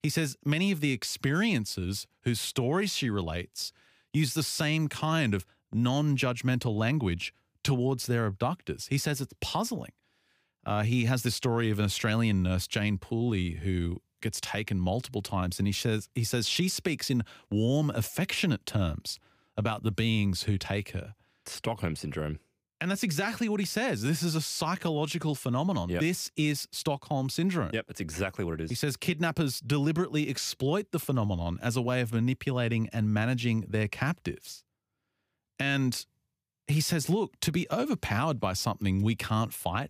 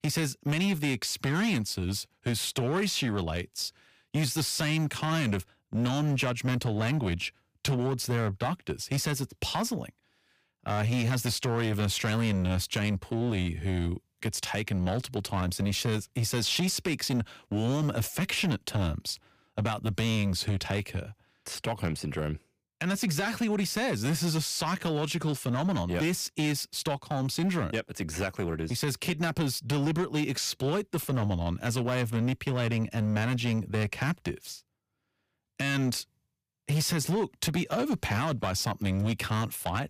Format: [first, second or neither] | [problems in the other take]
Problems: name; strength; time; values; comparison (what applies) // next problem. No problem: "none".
first | distortion; slight; 11% of the sound clipped